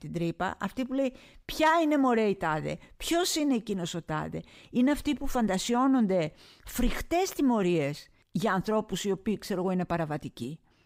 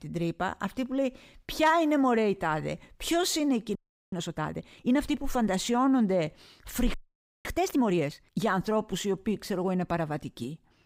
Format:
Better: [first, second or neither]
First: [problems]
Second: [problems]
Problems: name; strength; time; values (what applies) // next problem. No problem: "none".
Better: first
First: none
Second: audio freezing; at 4 s and at 7 s for 0.5 s